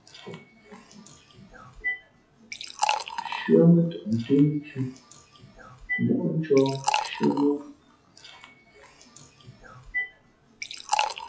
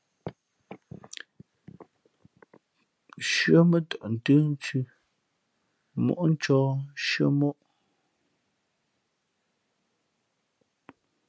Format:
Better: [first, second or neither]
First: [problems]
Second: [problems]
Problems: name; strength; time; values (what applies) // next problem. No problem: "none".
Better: second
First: noise reduction (classical method WPE with log-MMSE)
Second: none